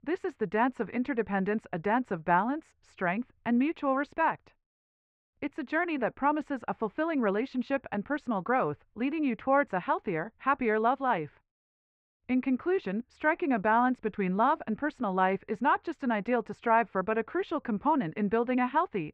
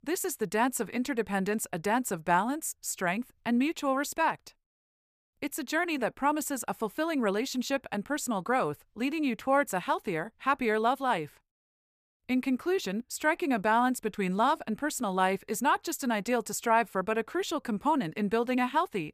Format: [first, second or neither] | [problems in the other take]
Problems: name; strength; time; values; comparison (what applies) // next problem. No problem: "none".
second | muffled; very; fading above 2.5 kHz